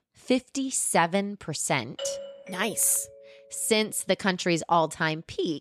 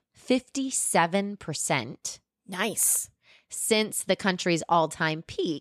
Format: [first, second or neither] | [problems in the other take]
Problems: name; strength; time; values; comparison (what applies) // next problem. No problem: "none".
second | doorbell; noticeable; from 2 to 3.5 s; peak 9 dB below the speech